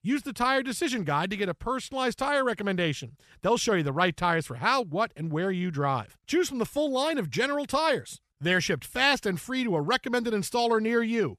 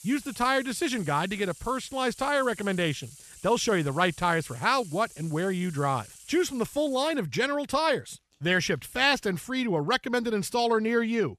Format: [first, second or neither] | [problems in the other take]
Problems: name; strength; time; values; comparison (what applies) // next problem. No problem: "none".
first | household noises; noticeable; throughout; 20 dB below the speech